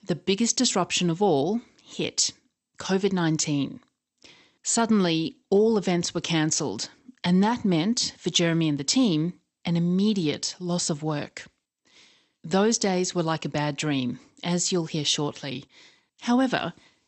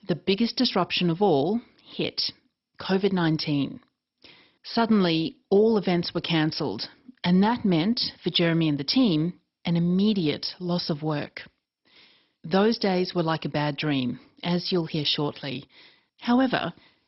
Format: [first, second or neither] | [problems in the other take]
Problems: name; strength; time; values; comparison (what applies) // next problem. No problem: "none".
first | garbled, watery; badly; nothing above 5.5 kHz; slightly in the first